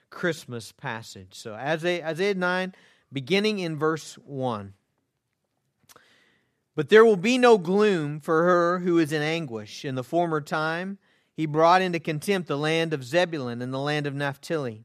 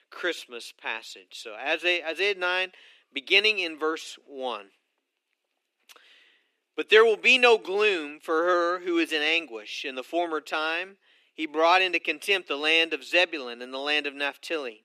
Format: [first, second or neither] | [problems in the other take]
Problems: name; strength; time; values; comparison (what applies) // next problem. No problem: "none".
first | thin; somewhat; fading below 300 Hz